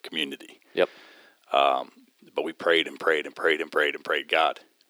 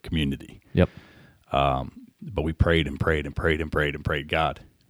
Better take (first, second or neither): second